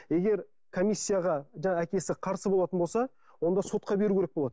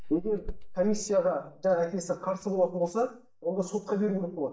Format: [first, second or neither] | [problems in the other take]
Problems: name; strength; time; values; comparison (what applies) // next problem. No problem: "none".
first | noise reduction (neural mask model DeepFilterNet 3)